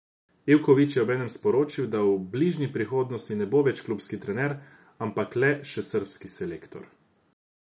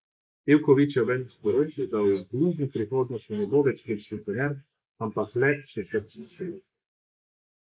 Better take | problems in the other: first | noise reduction (neural mask model Resemble Enhance denoiser)

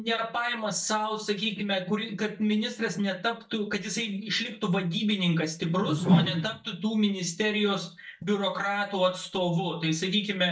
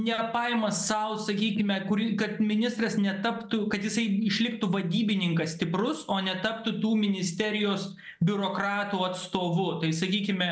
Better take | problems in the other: second | noise reduction (neural mask model DeepFilterNet 3)

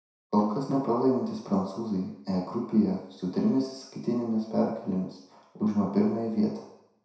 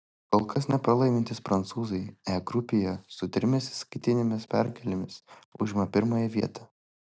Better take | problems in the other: second | room echo; dies away in 0.7 s

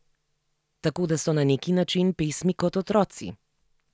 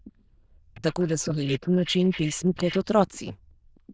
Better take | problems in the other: first | noise reduction (neural diffusion model UNIVERSE++)

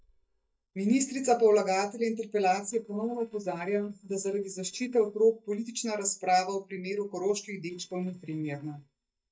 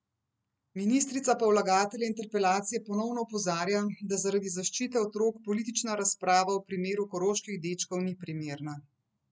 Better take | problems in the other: second | noise reduction (neural mask model DeepFilterNet 3)

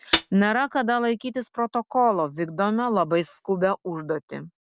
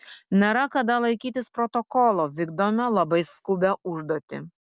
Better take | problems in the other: second | background sound (Hi-hat); 5 dB below the speech

